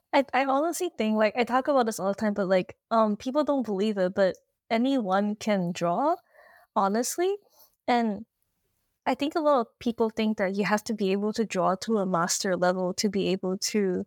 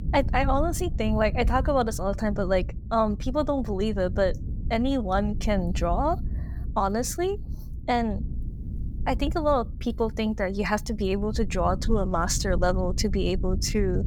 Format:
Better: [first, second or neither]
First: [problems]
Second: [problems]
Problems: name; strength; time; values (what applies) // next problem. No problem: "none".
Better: first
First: none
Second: low rumble; noticeable; throughout; 20 dB below the speech